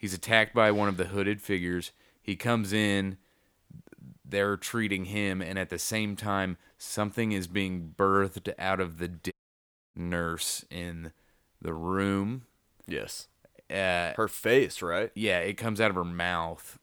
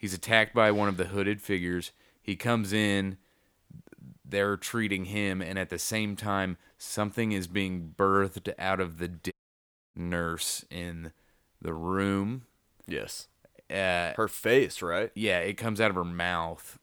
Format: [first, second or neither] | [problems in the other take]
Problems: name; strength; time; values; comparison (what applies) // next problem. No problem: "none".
neither | audio cutting out; at 9.5 s for 0.5 s; the same in both